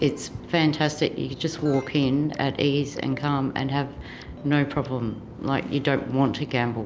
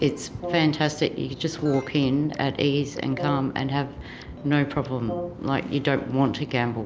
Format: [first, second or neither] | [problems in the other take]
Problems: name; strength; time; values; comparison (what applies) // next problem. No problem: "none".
first | background sound (Brass instrument); 14 dB below the speech